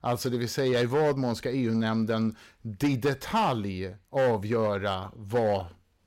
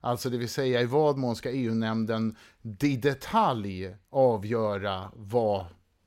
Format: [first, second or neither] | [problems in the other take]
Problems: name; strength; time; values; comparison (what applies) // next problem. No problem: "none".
second | distortion; slight; 6% of the sound clipped